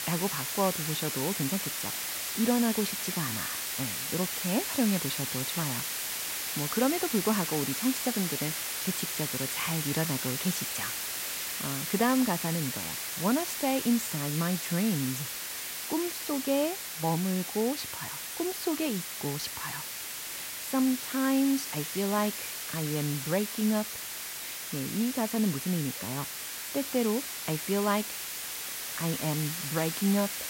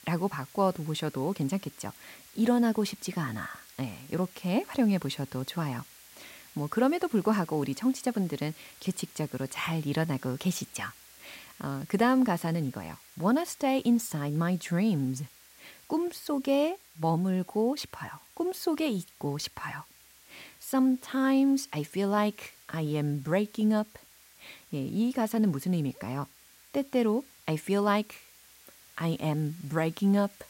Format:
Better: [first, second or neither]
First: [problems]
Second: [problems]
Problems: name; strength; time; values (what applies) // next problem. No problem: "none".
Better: second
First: hiss; loud; throughout; 2 dB below the speech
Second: hiss; faint; throughout; 20 dB below the speech